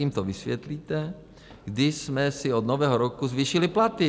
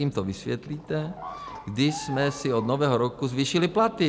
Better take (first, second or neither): first